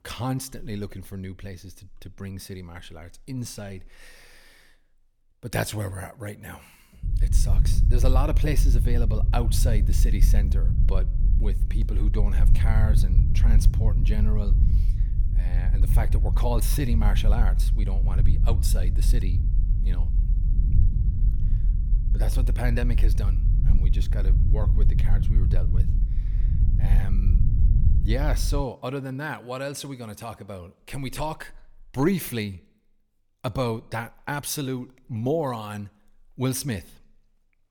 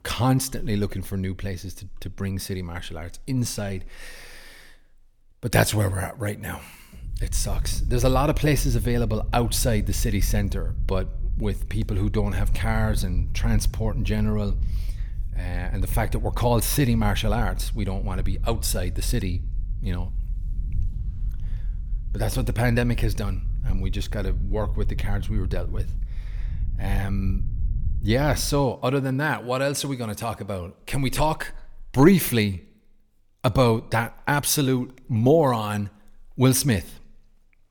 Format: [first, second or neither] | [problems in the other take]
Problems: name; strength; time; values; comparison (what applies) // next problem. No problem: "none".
second | low rumble; loud; from 7 to 29 s; 8 dB below the speech; faint in the second